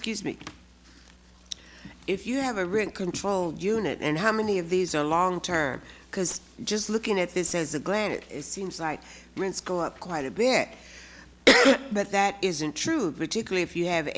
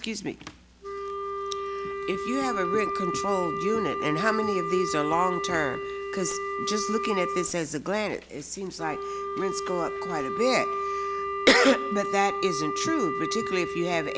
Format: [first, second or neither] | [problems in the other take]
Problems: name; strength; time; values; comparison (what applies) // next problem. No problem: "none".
first | background sound (Wind instrument, woodwind instrument); 3 dB below the speech